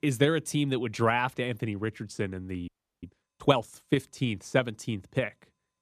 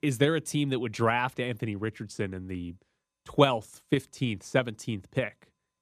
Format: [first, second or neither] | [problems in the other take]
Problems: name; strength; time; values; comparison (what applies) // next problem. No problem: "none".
second | audio freezing; at 2.5 s